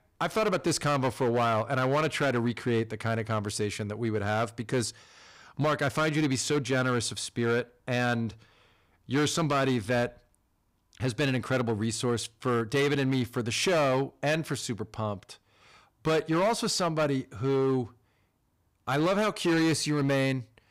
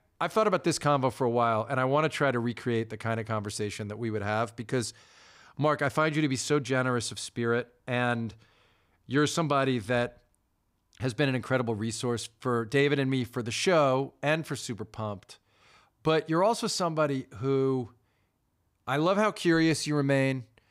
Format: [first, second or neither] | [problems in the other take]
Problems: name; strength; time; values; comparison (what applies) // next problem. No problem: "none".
second | distortion; slight; 9% of the sound clipped